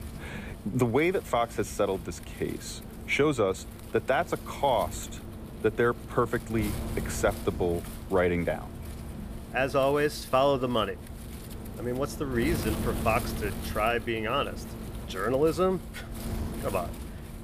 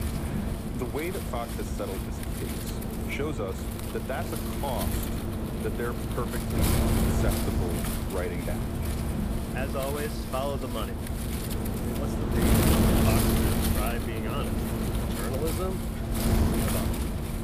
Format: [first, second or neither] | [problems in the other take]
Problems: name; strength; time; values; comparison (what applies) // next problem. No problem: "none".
first | wind noise on the microphone; heavy; 2 dB above the speech; occasional gusts in the first